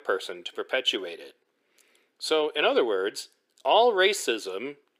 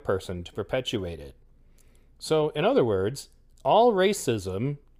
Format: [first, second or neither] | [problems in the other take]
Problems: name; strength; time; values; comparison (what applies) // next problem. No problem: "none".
second | thin; somewhat; fading below 350 Hz